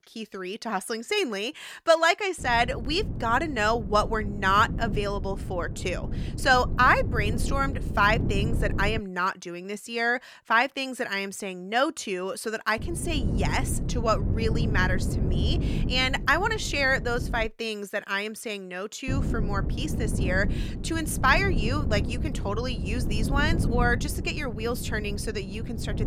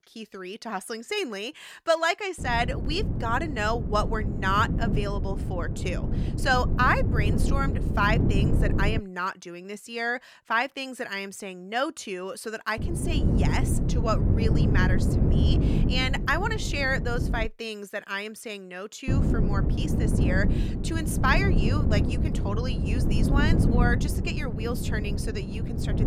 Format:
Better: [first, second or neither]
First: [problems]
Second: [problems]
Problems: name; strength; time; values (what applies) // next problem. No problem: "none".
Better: first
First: wind noise on the microphone; occasional gusts; from 2.5 to 9 s, from 13 to 17 s and from 19 s on; 15 dB below the speech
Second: wind noise on the microphone; heavy; from 2.5 to 9 s, from 13 to 17 s and from 19 s on; 7 dB below the speech